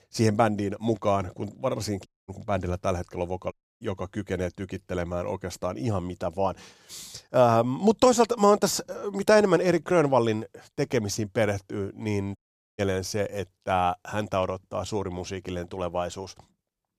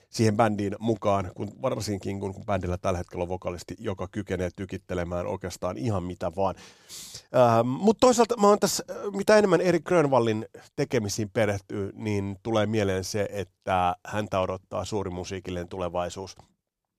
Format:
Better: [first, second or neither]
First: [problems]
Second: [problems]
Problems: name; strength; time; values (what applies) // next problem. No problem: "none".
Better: second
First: audio cutting out; at 2 s, at 3.5 s and at 12 s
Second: none